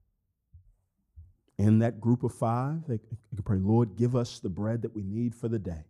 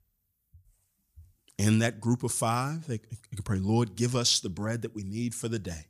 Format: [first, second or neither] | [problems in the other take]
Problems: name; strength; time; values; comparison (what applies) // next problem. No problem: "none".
second | muffled; very; fading above 1.5 kHz